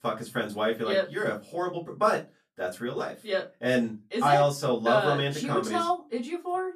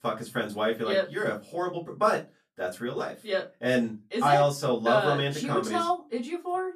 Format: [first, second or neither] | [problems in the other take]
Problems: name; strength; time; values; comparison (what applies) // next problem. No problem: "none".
neither | off-mic speech; far; the same in both // room echo; very slight; dies away in 0.2 s; the same in both